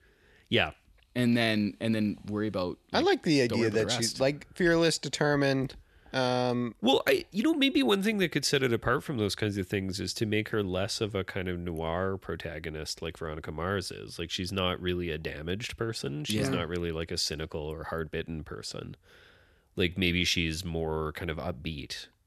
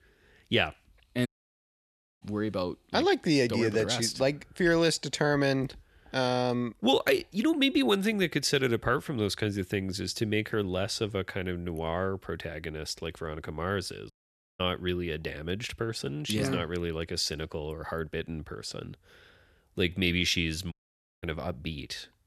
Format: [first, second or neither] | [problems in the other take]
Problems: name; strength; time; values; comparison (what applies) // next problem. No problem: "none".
first | audio cutting out; at 1.5 s for 1 s, at 14 s and at 21 s for 0.5 s